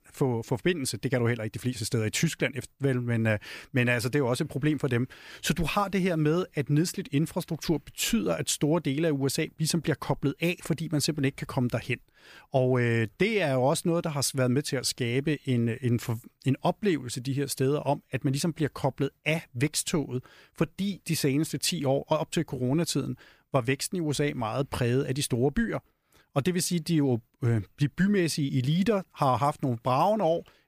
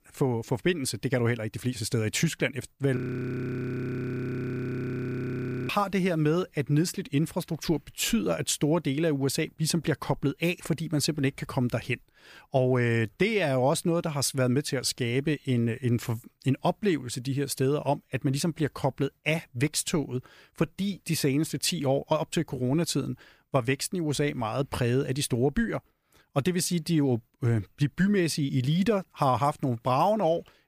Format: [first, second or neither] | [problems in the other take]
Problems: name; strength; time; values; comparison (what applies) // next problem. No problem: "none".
first | audio freezing; at 3 s for 2.5 s